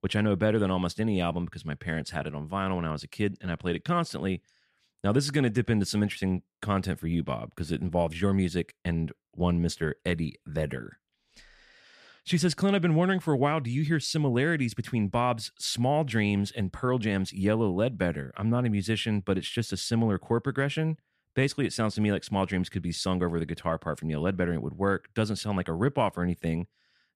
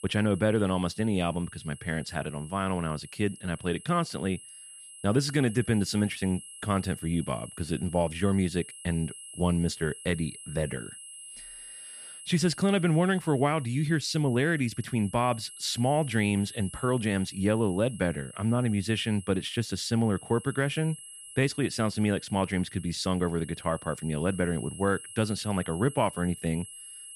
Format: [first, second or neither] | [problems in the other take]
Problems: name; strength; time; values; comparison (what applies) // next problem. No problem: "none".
first | high-pitched whine; noticeable; throughout; 11 kHz, 15 dB below the speech